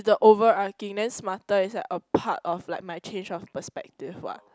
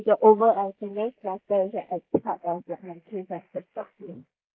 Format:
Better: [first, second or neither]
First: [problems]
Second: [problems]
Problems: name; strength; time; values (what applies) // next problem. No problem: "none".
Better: first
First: none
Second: noise reduction (neural mask model Resemble Enhance denoiser)